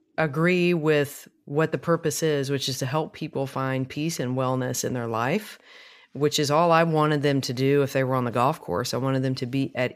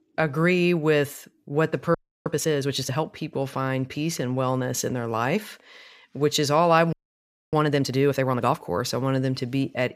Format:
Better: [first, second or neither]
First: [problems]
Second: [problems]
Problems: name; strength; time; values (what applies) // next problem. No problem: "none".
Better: first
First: none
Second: audio freezing; at 2 s and at 7 s for 0.5 s